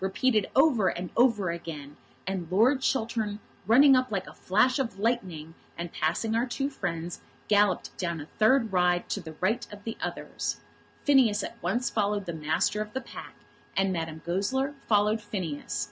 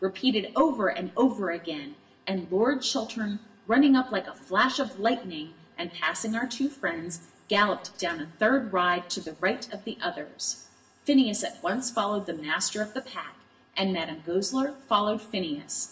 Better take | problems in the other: first | room echo; dies away in 0.7 s

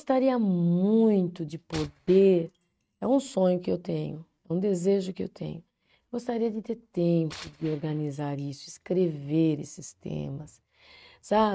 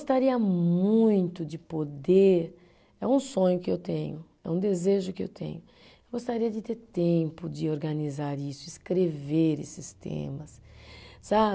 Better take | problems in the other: second | noise reduction (neural mask model RNNoise)

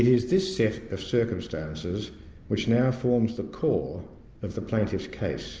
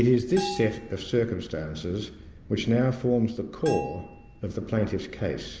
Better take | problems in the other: first | background sound (Bell); 14 dB below the speech

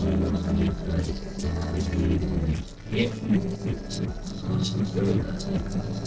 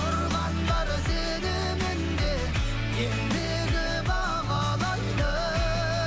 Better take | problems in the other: second | noise reduction (neural separator model SepFormer DNS4)

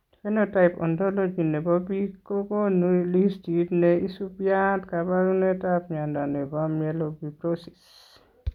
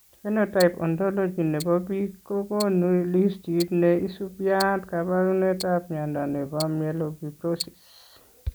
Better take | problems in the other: first | background sound (Tick-tock); 18 dB below the speech

